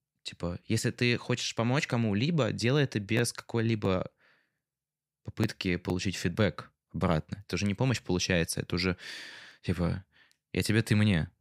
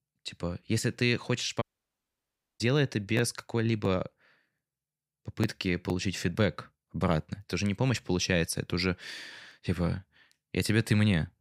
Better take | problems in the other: first | audio cutting out; at 1.5 s for 1 s

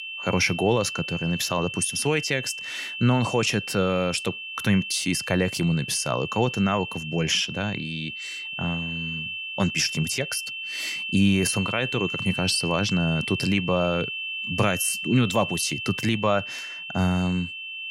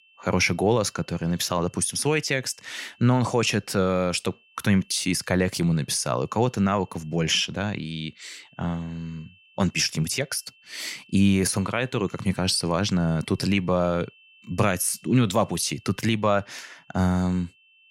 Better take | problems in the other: second | high-pitched whine; loud; throughout; 2.5 kHz, 6 dB below the speech; faint in the second

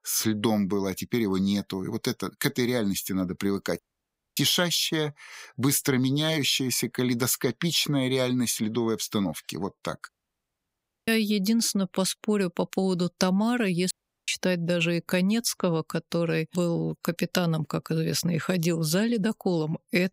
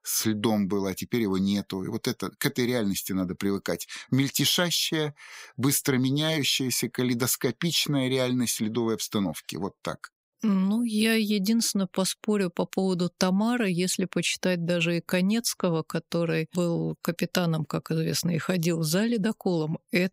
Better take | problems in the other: second | audio cutting out; at 4 s for 0.5 s, at 10 s for 1 s and at 14 s

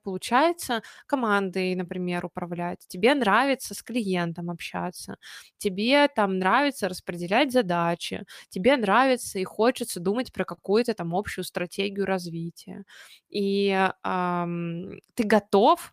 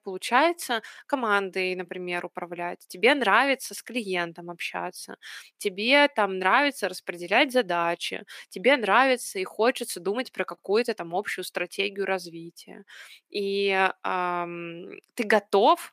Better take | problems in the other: first | thin; very slightly; fading below 250 Hz

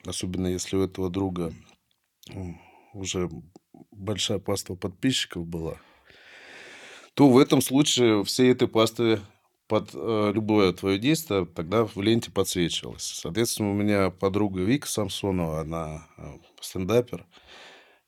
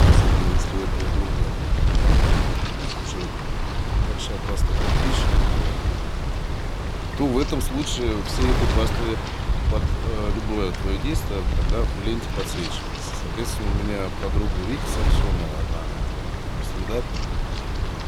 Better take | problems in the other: first | wind noise on the microphone; heavy; 2 dB above the speech

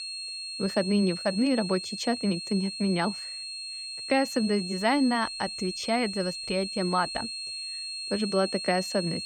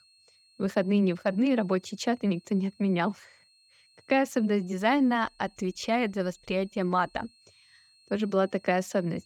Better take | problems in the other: second | high-pitched whine; loud; throughout; 4 kHz, 6 dB below the speech; faint in the second

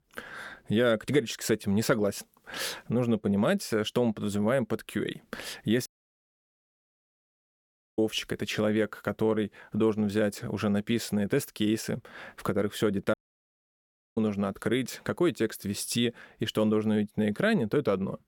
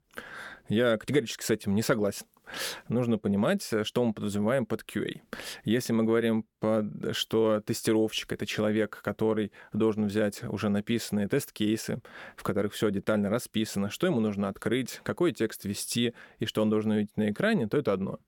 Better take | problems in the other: second | audio cutting out; at 6 s for 2 s and at 13 s for 1 s

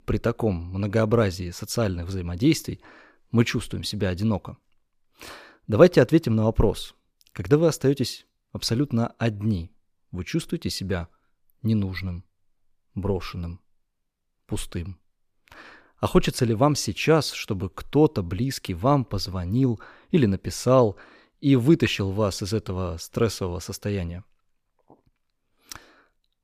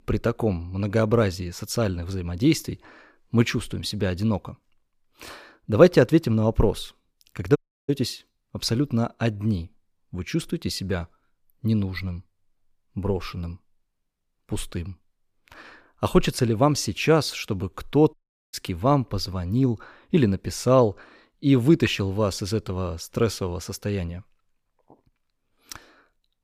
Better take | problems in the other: first | audio cutting out; at 7.5 s and at 18 s

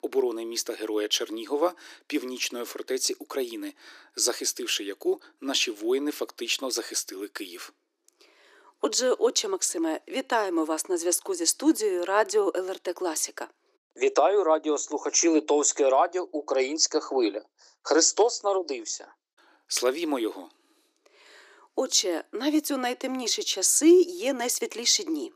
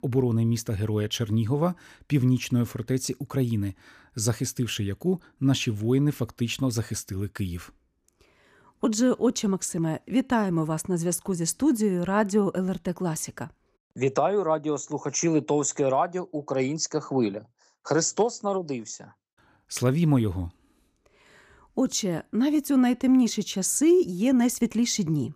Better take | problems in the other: second | thin; very; fading below 300 Hz

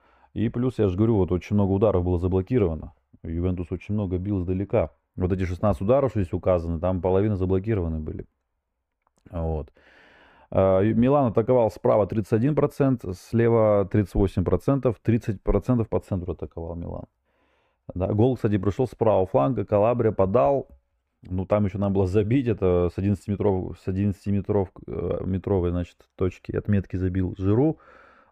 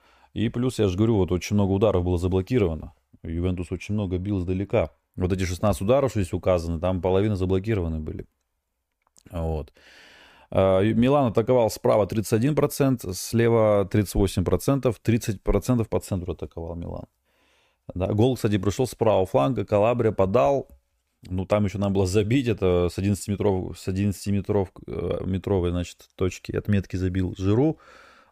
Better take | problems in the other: second | muffled; very; fading above 3 kHz

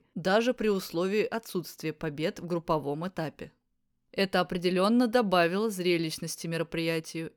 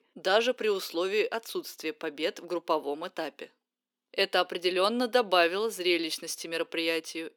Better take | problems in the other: first | thin; somewhat; fading below 300 Hz

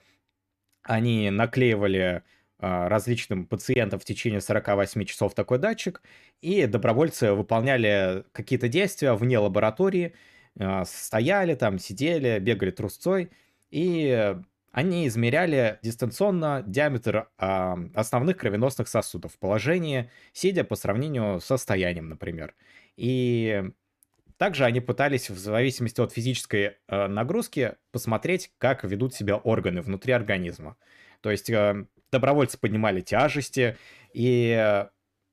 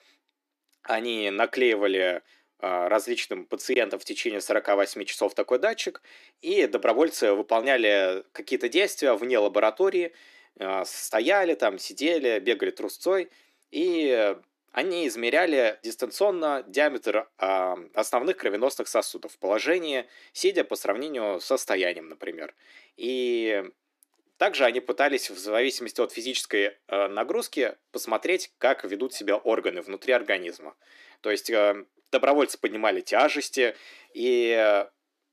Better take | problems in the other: first | thin; somewhat; fading below 300 Hz

